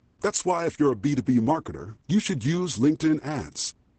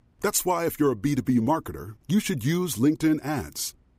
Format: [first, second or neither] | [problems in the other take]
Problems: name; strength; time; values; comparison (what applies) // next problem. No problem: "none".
second | garbled, watery; badly; nothing above 8 kHz